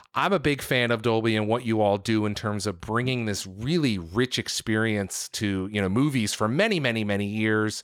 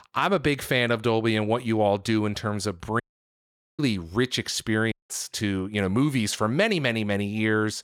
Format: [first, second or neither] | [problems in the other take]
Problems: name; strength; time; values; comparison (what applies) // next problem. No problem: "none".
first | audio cutting out; at 3 s for 1 s and at 5 s